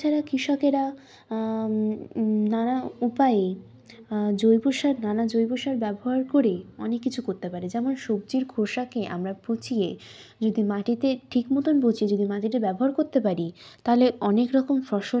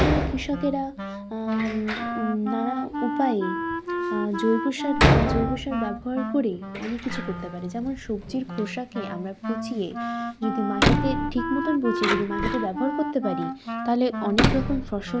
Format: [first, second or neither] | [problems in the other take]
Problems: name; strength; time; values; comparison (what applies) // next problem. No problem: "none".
first | background sound (Wind instrument, woodwind instrument + Door); 1 dB above the speech